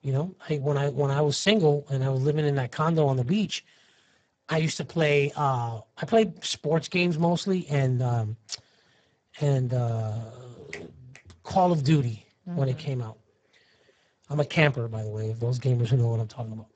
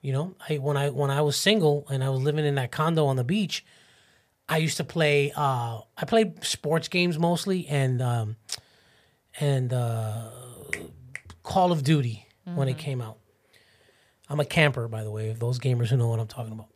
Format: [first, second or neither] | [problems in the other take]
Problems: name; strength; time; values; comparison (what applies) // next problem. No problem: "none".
second | garbled, watery; badly; nothing above 8 kHz